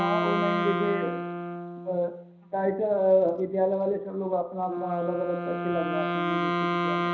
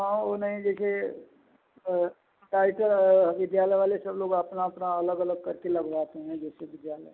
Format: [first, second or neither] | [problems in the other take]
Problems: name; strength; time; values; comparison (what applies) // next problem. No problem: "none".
second | background sound (Wind instrument, woodwind instrument); 2 dB below the speech // room echo; dies away in 0.5 s